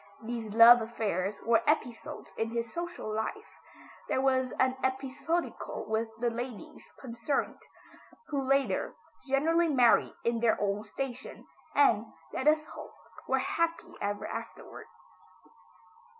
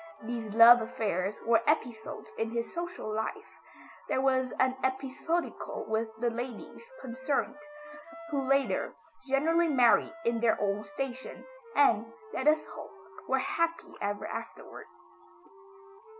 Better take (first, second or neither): first